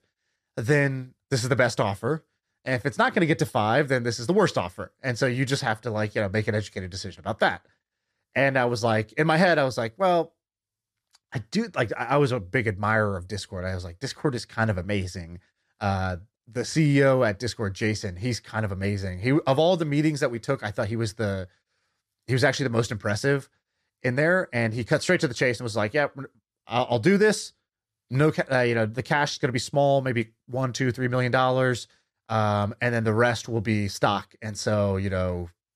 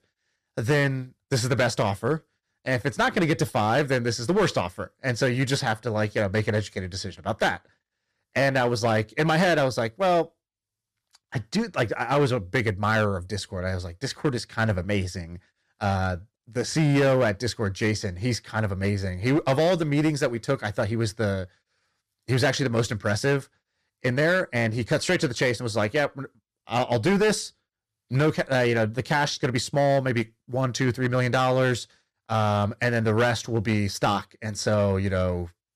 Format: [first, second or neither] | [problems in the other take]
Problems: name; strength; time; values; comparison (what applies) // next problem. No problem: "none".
first | distortion; slight; 8% of the sound clipped